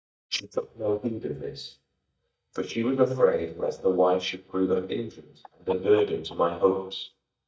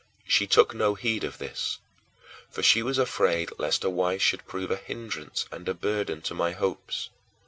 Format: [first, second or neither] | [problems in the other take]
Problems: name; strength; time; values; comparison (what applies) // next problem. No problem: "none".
second | noise reduction (neural mask model DeepFilterNet 3)